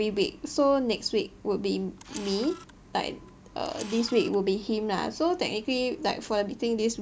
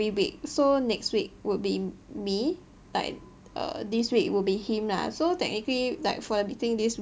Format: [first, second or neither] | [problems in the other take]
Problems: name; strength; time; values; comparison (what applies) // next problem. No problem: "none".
second | background sound (Camera); 20 dB below the speech